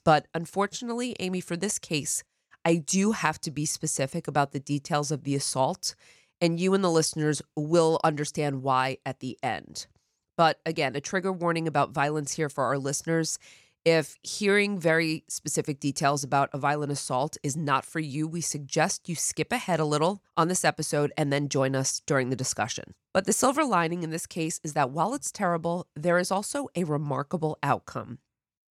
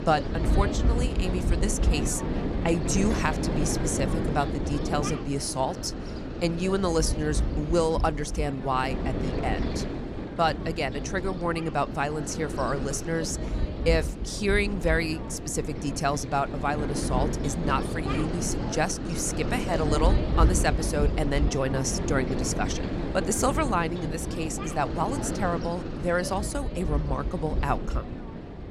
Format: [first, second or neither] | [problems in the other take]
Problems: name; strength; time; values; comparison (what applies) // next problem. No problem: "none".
first | wind noise on the microphone; heavy; 7 dB below the speech